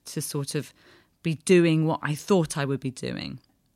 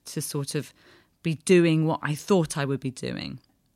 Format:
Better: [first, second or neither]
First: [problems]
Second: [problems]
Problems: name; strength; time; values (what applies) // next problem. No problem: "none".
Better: neither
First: none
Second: none